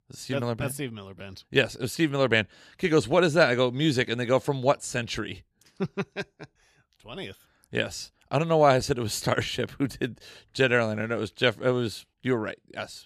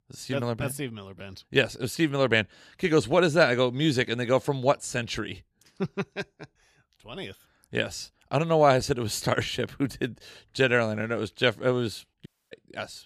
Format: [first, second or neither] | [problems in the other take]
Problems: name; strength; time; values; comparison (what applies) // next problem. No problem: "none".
first | audio cutting out; at 12 s